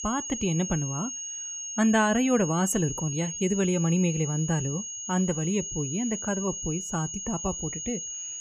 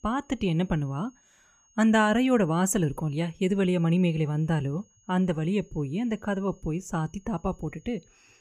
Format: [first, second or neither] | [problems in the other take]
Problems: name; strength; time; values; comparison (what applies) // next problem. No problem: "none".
second | high-pitched whine; loud; throughout; 6.5 kHz, 5 dB below the speech; faint in the second